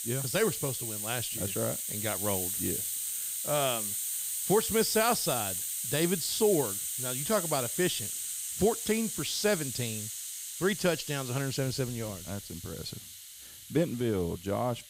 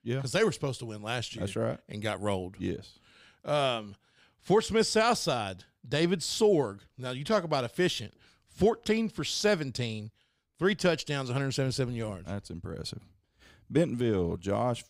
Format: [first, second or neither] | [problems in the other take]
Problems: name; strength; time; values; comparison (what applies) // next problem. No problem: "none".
second | hiss; loud; throughout; 1 dB below the speech